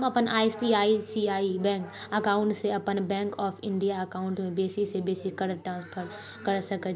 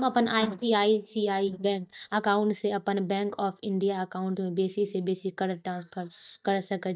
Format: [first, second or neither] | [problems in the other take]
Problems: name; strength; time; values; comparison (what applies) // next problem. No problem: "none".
first | noise reduction (neural mask model DeepFilterNet 3)